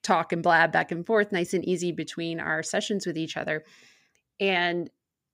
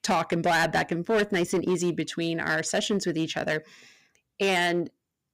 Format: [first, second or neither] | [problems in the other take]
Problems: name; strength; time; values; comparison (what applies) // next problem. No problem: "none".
first | distortion; heavy; 9% of the sound clipped